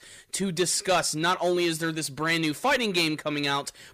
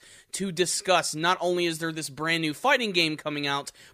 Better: second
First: distortion; slight; 10 dB below the speech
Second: none

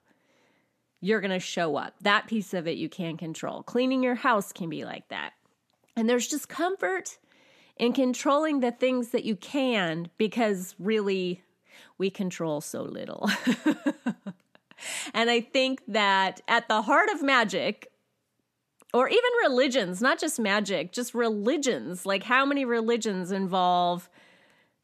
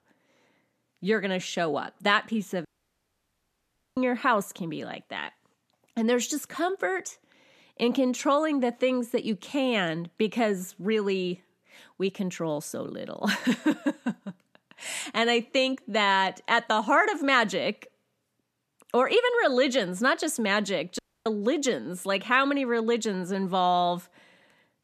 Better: first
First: none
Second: audio cutting out; at 2.5 s for 1.5 s and at 21 s

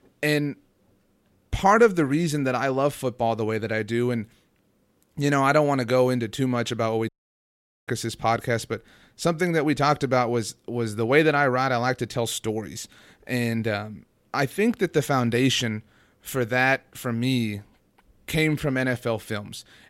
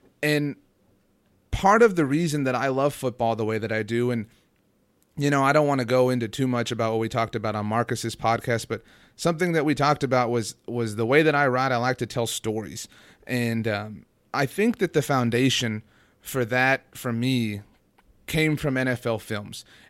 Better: second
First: audio cutting out; at 7 s for 1 s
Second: none

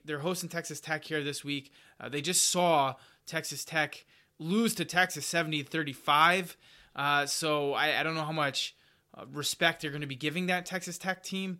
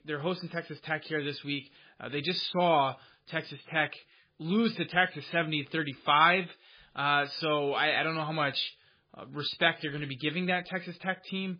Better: first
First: none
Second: garbled, watery; badly; nothing above 5 kHz

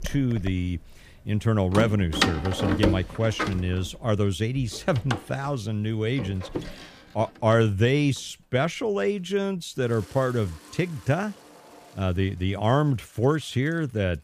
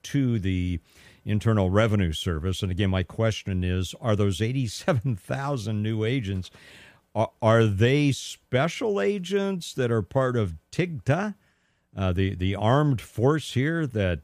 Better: second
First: household noises; loud; throughout; 5 dB below the speech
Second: none

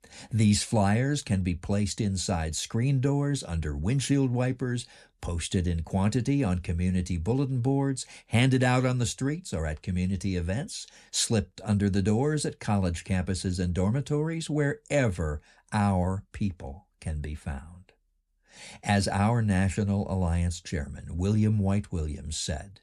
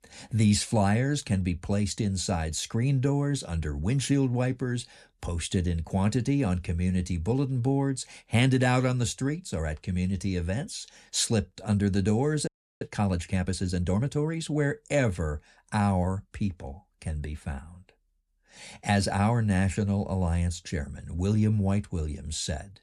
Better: first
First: none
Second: audio freezing; at 12 s

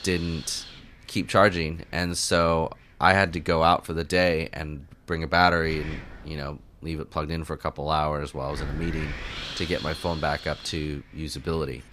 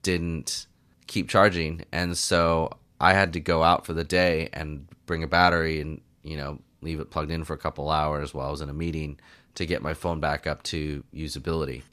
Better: second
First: wind noise on the microphone; occasional gusts; 15 dB below the speech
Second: none

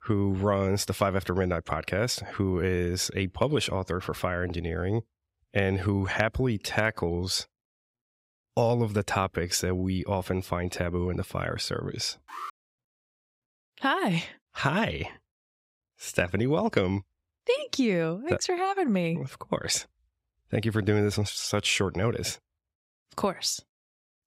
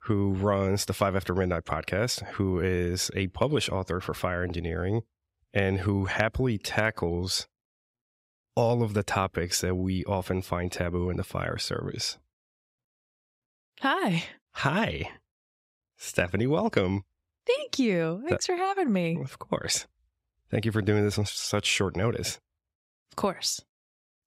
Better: second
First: alarm; faint; at 12 s; peak 10 dB below the speech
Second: none

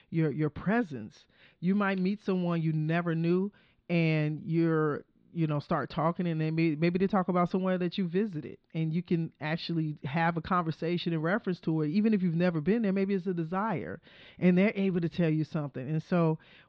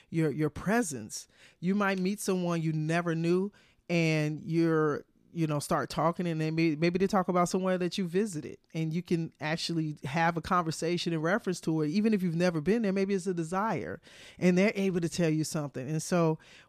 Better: second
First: muffled; slightly; fading above 4 kHz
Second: none

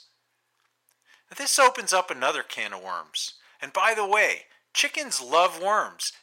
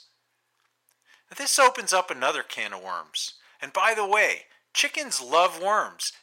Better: neither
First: thin; very; fading below 950 Hz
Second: thin; very; fading below 950 Hz

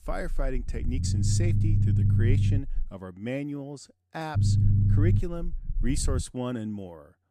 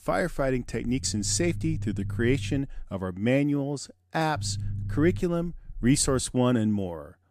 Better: second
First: low rumble; loud; until 3 s and from 4.5 to 6 s; 2 dB below the speech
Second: low rumble; faint; until 3 s and from 4.5 to 6 s; 20 dB below the speech

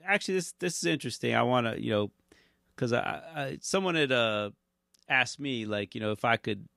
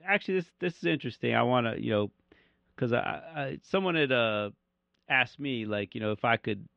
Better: first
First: none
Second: muffled; very; fading above 3 kHz

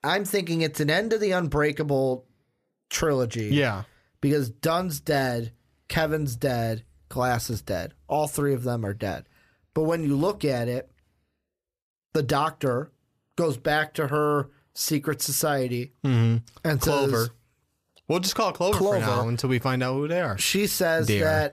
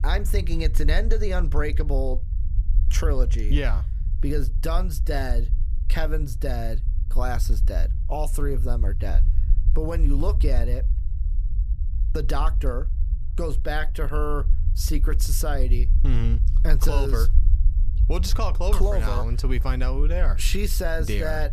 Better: first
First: none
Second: low rumble; noticeable; throughout; 15 dB below the speech

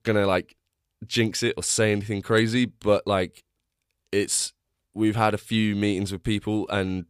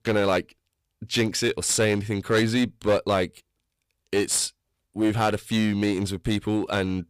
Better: first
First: none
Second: distortion; slight; 7% of the sound clipped

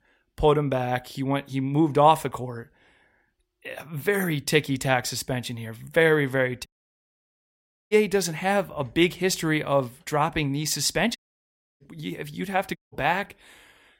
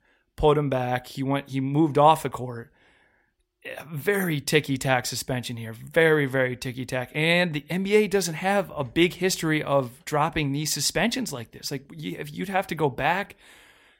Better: second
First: audio cutting out; at 6.5 s for 1.5 s, at 11 s for 0.5 s and at 13 s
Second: none

